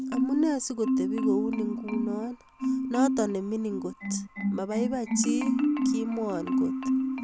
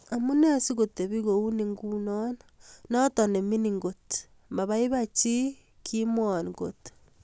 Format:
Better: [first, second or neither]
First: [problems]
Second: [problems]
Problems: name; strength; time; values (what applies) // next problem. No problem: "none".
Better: second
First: background sound (Marimba, xylophone); 2 dB above the speech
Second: none